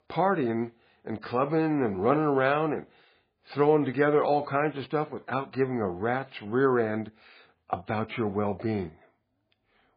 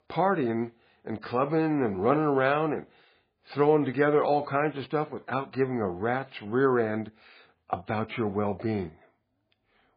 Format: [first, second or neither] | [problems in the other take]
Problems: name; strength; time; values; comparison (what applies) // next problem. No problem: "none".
neither | garbled, watery; badly; nothing above 4.5 kHz; the same in both